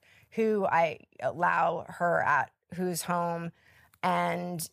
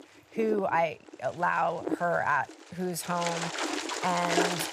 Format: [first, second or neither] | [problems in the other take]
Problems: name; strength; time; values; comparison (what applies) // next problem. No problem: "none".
first | wind noise on the microphone; heavy; 4 dB below the speech